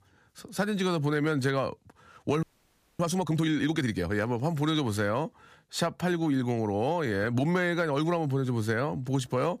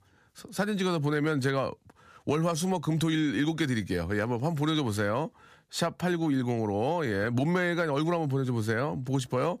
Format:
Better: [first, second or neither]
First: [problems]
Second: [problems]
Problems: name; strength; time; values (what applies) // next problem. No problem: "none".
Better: second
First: audio freezing; at 2.5 s for 0.5 s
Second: none